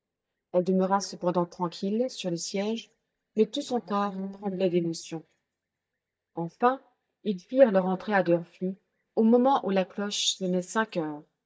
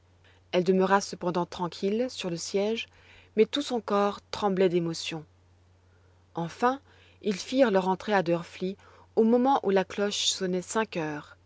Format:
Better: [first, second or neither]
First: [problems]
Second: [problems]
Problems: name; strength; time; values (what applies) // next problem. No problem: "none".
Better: second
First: noise reduction (neural mask model DeepFilterNet 3)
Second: none